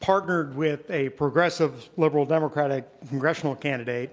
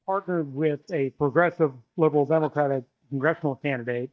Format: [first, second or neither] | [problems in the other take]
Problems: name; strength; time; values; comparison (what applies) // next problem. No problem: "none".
first | noise reduction (neural mask model DeepFilterNet 3)